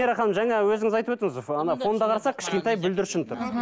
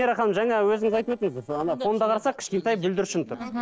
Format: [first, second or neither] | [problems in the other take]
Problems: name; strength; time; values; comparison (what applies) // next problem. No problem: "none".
first | noise reduction (neural separator model SepFormer DNS4)